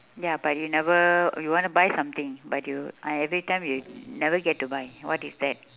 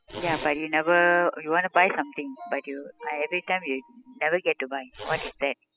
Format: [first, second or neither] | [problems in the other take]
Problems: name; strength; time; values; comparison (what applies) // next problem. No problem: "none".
first | noise reduction (classical method spectral subtraction)